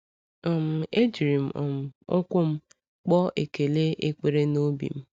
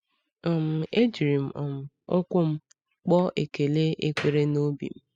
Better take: first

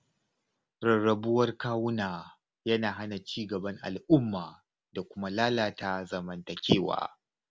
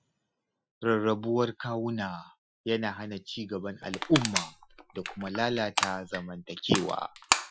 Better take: first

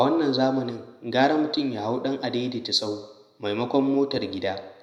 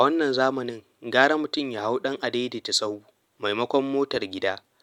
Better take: second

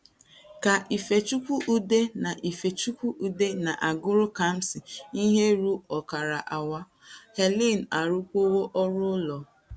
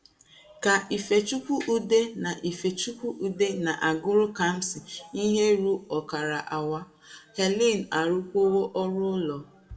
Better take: first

